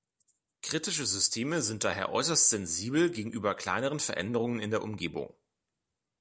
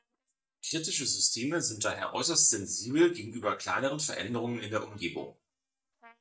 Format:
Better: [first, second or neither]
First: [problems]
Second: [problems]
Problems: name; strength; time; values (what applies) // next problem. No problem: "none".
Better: first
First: none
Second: noise reduction (neural mask model DeepFilterNet 3)